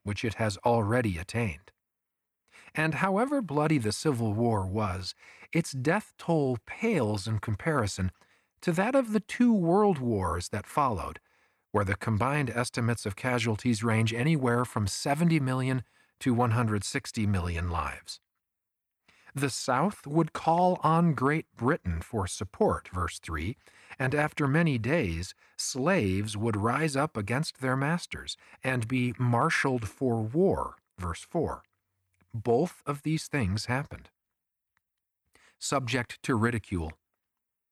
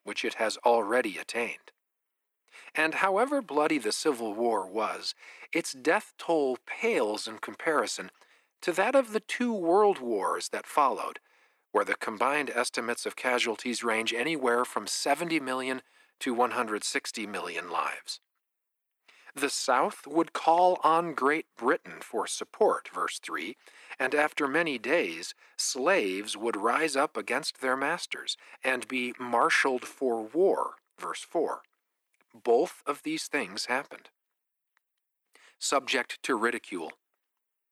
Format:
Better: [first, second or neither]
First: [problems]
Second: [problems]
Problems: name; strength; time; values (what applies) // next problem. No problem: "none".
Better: first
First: none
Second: thin; somewhat; fading below 300 Hz